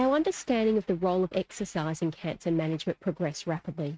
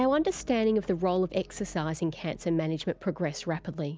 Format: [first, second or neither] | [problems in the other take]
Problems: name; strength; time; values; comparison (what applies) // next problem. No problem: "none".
second | noise reduction (neural mask model RNNoise)